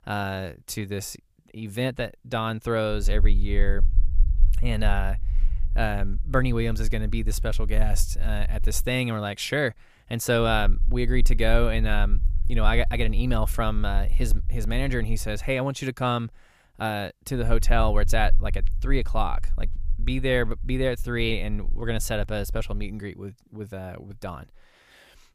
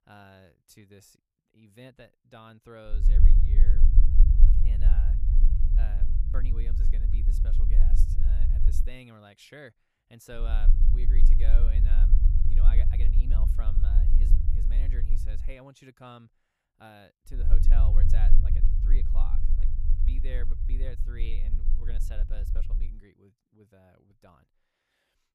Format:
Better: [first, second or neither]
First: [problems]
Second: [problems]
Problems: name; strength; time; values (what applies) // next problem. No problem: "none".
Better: first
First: low rumble; faint; from 3 to 9 s, from 10 to 15 s and from 17 to 23 s; 25 dB below the speech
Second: low rumble; loud; from 3 to 9 s, from 10 to 15 s and from 17 to 23 s; as loud as the speech